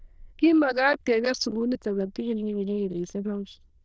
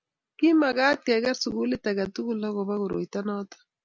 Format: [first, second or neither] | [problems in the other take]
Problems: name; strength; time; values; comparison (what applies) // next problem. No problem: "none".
second | noise reduction (neural diffusion model UNIVERSE++)